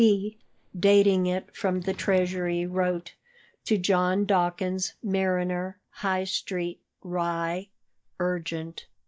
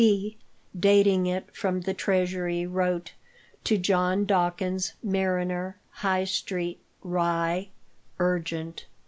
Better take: second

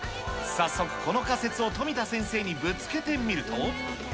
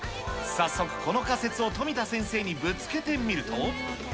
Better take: second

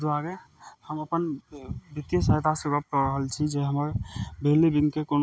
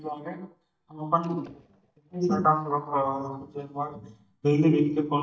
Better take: first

